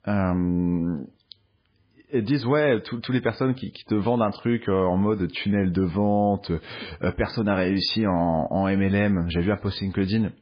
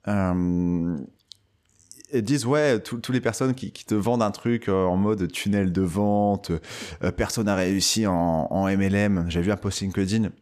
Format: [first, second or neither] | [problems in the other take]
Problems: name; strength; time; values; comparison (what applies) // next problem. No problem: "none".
second | garbled, watery; badly